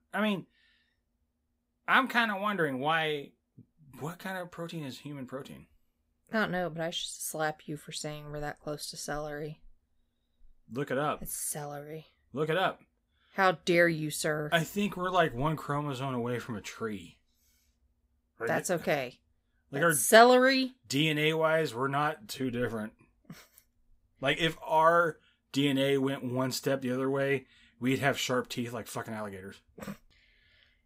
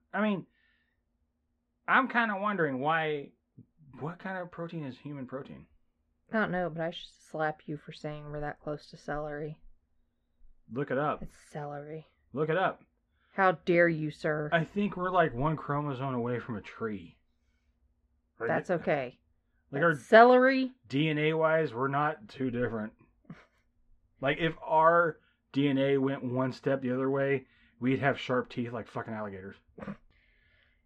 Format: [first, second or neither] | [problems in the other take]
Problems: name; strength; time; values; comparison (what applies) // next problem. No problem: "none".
first | muffled; slightly; fading above 2 kHz